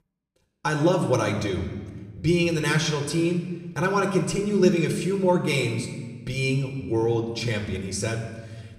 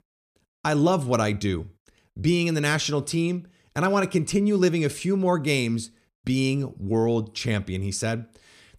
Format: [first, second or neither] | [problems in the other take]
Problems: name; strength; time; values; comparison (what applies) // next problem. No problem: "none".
second | room echo; slight; dies away in 1.2 s // off-mic speech; somewhat distant